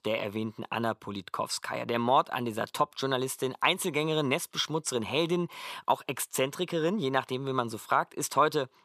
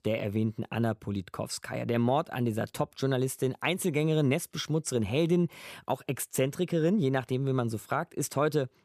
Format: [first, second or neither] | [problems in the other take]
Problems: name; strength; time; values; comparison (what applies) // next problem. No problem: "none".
second | thin; somewhat; fading below 700 Hz